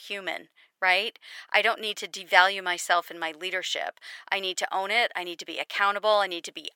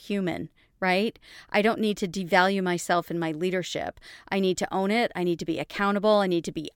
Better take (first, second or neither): second